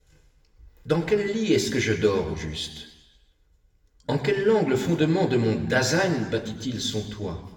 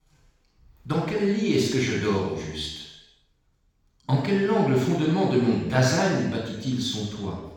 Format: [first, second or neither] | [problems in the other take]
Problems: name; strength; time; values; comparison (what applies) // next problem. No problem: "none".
first | room echo; strong; dies away in 0.9 s; slight in the first // off-mic speech; far; somewhat distant in the first